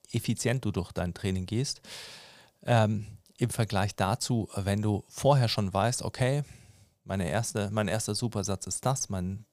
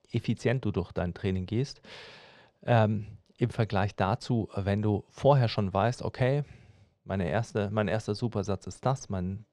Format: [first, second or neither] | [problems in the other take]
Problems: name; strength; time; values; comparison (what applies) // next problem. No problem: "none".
first | muffled; slightly; fading above 3 kHz